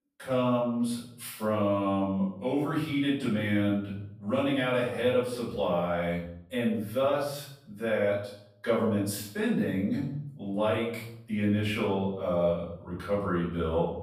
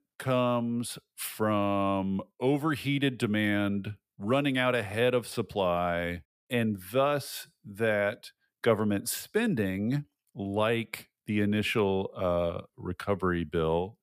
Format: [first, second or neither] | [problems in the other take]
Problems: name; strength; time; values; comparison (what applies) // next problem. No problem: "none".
second | off-mic speech; far // room echo; noticeable; dies away in 0.6 s